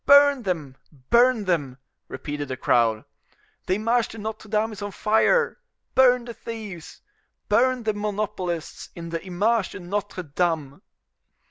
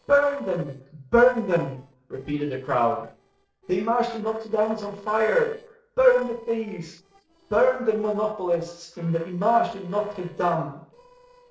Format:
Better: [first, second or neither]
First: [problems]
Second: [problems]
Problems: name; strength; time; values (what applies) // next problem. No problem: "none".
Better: first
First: none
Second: noise reduction (neural separator model SepFormer DNS4)